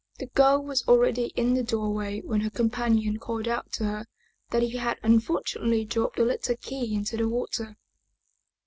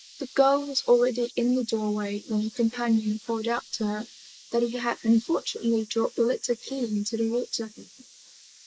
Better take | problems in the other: first | noise reduction (neural mask model Resemble Enhance denoiser)

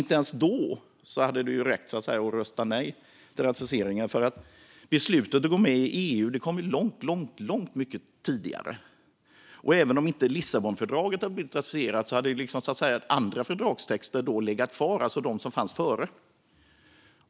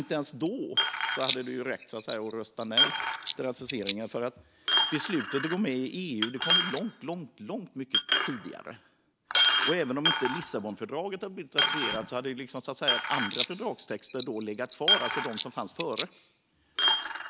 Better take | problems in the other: first | background sound (Coin (dropping)); 3 dB above the speech

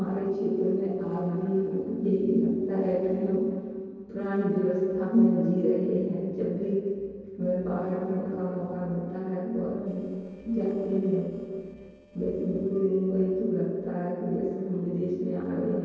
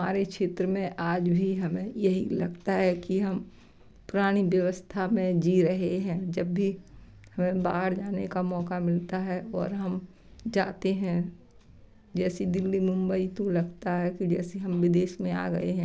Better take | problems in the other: second | noise reduction (neural separator model SepFormer DNS4)

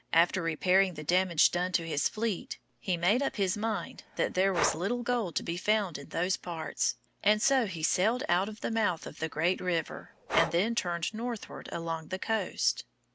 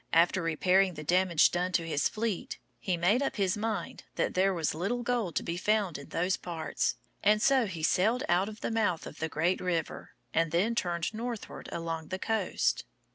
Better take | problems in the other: second | background sound (Breathing); 9 dB below the speech

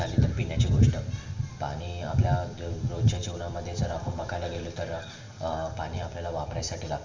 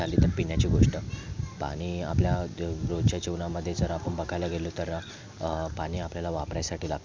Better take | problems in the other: second | room echo; dies away in 1.5 s

